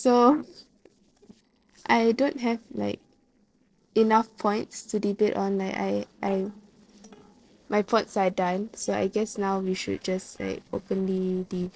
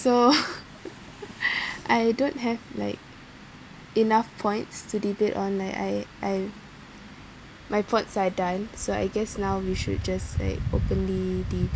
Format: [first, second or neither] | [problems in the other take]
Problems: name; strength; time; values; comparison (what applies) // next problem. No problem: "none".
second | noise reduction (neural separator model SepFormer DNS4)